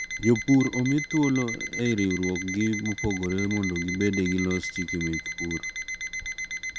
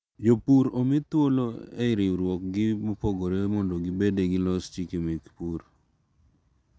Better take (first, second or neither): second